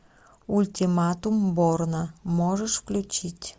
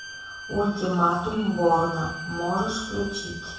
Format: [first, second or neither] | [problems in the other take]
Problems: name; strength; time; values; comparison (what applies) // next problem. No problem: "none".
first | background sound (Bowed string instrument); 12 dB below the speech // room echo; dies away in 0.7 s